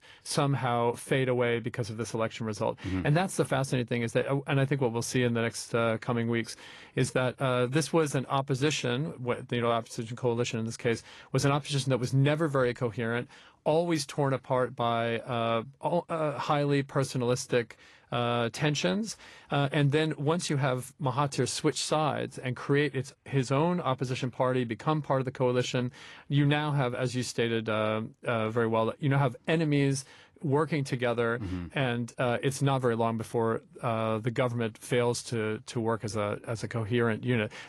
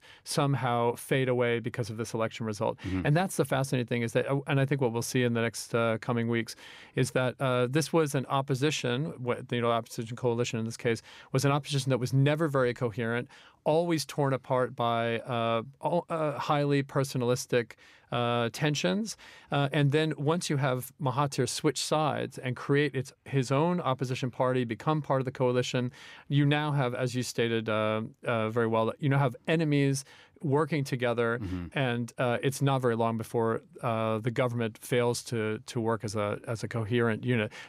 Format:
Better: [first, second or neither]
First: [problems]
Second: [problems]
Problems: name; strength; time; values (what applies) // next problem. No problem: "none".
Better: second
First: garbled, watery; slightly; nothing above 11.5 kHz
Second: none